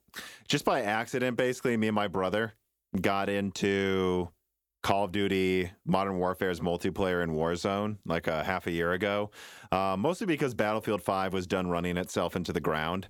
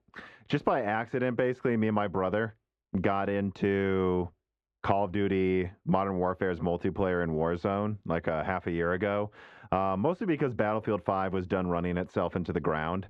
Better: first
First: none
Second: muffled; very; fading above 2 kHz

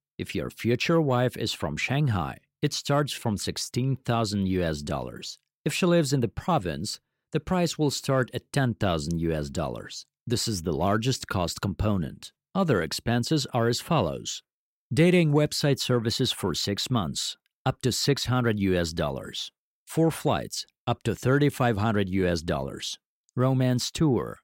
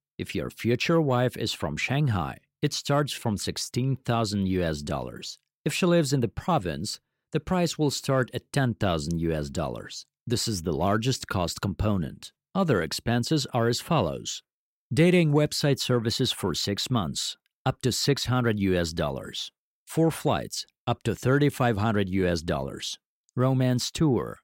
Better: neither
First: none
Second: none

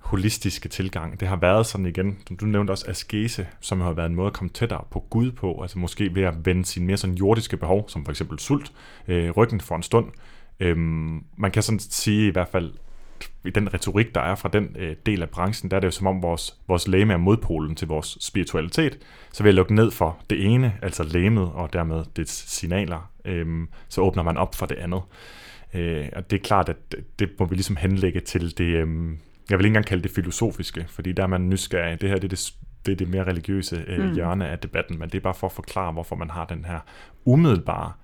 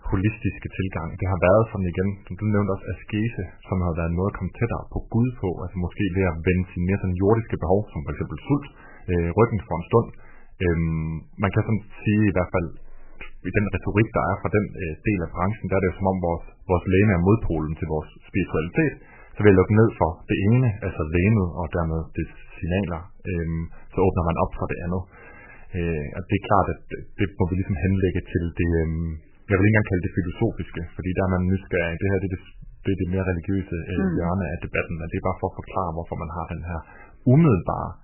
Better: first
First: none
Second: garbled, watery; badly; nothing above 3 kHz

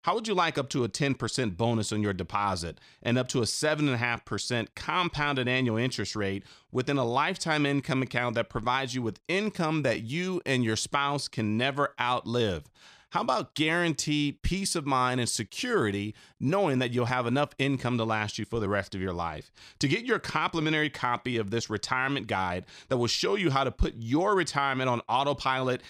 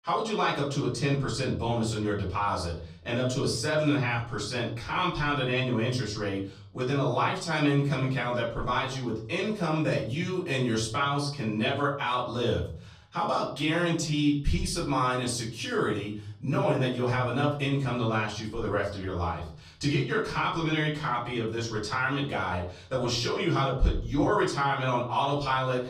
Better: first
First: none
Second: off-mic speech; far // room echo; slight; dies away in 0.5 s

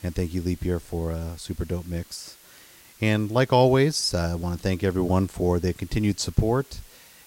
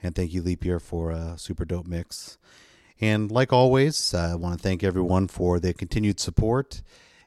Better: second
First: hiss; faint; throughout; 25 dB below the speech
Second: none

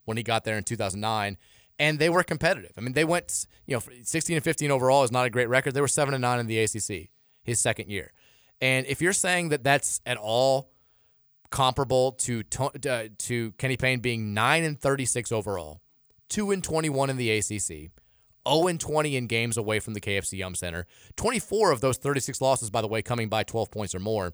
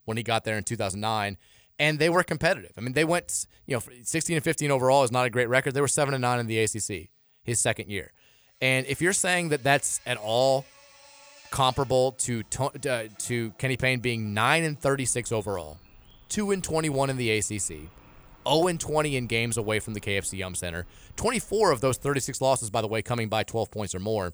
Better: first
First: none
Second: animal sounds; faint; from 8.5 s on; 30 dB below the speech

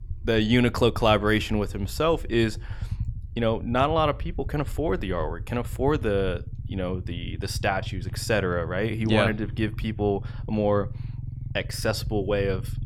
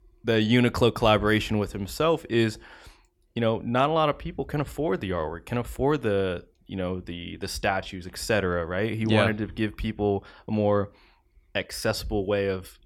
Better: second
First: low rumble; faint; throughout; 25 dB below the speech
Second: none

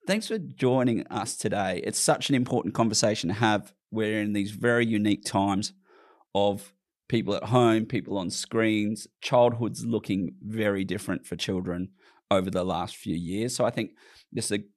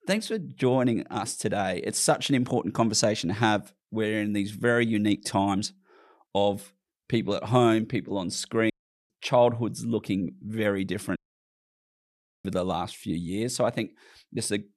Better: first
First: none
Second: audio cutting out; at 8.5 s and at 11 s for 1.5 s

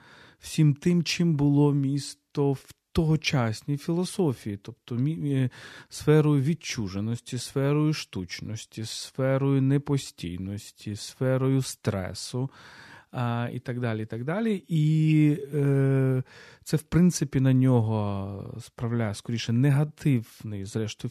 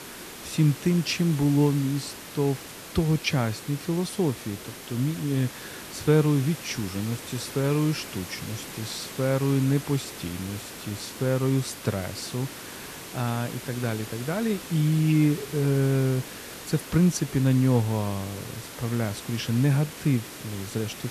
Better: first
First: none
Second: hiss; noticeable; throughout; 10 dB below the speech

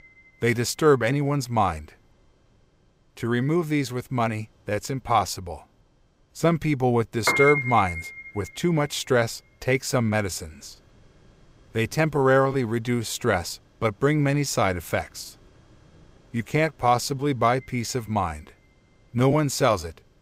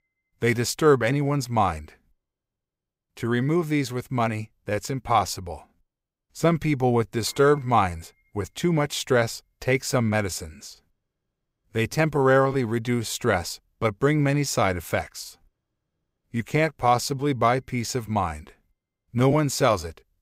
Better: second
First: background music; loud; throughout; 2 dB below the speech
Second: background music; faint; throughout; 30 dB below the speech

